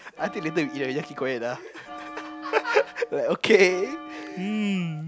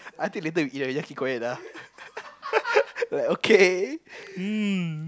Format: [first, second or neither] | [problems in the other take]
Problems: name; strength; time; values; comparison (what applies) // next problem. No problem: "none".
second | background sound (Bell); 15 dB below the speech